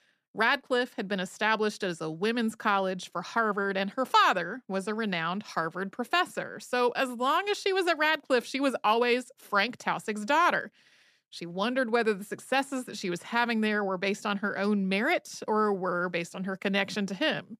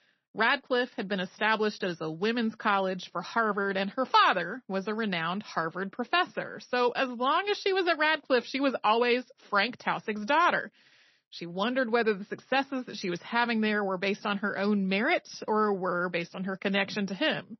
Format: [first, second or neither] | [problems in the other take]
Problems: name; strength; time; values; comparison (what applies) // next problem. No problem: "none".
first | garbled, watery; slightly; nothing above 6 kHz